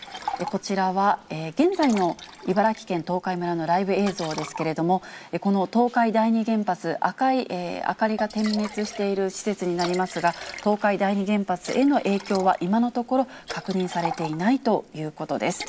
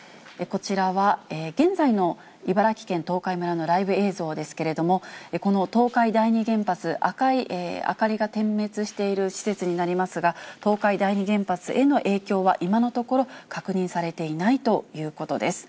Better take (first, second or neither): second